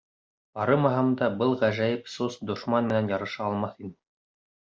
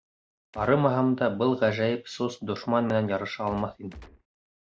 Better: first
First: none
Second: background sound (Gunshot, gunfire); 19 dB below the speech

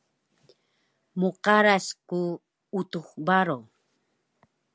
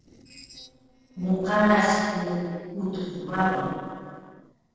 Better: first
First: none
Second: noise reduction (neural separator model SepFormer DNS4)

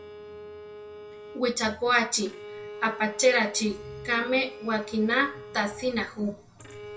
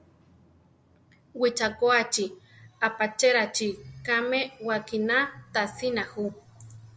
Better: second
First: background sound (Bowed string instrument); 15 dB below the speech // room echo; dies away in 0.2 s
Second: none

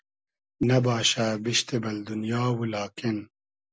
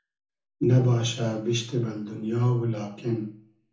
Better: first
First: none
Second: room echo; dies away in 0.6 s

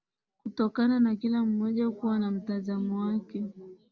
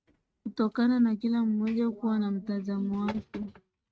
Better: first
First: none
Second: noise reduction (neural mask model RNNoise)

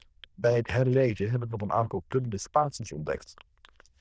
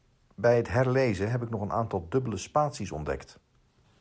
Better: second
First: noise reduction (neural diffusion model UNIVERSE++)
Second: none

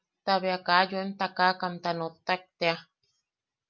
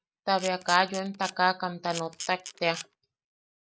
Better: first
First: none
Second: noise reduction (neural mask model Resemble Enhance denoiser)

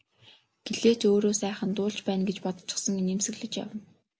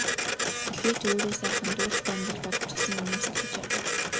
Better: first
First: none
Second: background sound (Printer); 4 dB above the speech

